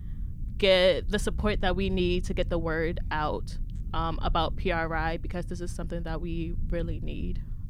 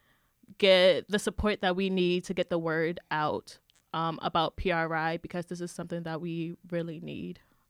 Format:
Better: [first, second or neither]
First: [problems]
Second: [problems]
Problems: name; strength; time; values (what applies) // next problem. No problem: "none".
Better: second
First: low rumble; faint; throughout; 25 dB below the speech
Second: none